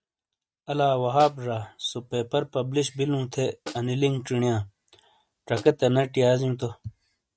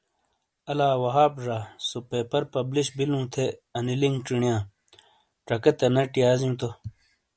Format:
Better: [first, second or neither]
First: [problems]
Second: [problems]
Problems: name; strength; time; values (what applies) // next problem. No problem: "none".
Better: second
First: noise reduction (neural mask model RNNoise)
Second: none